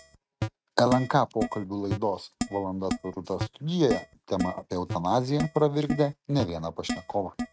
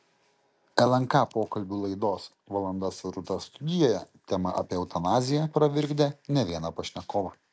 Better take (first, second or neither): second